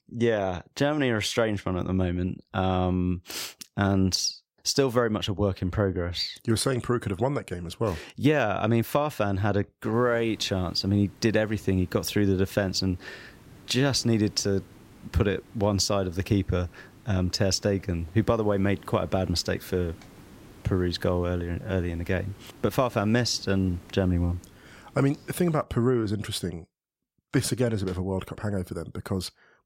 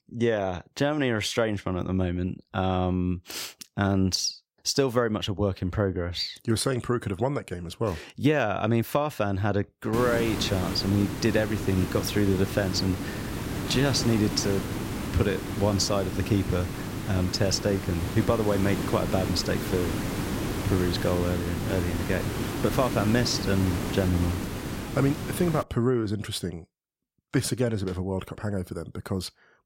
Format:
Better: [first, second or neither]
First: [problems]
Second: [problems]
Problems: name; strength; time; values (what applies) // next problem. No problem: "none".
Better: first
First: hiss; faint; from 10 to 26 s; 25 dB below the speech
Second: hiss; loud; from 10 to 26 s; 5 dB below the speech